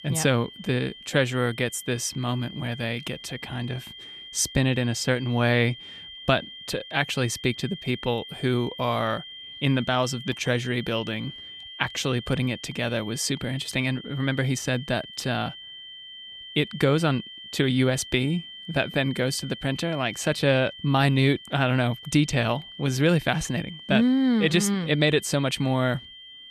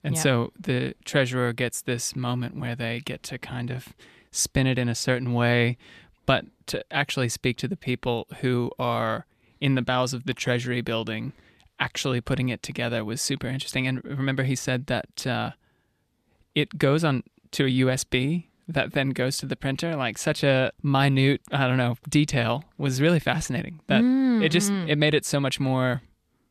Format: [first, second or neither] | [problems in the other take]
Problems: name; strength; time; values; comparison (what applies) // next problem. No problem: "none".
second | high-pitched whine; noticeable; throughout; 3 kHz, 15 dB below the speech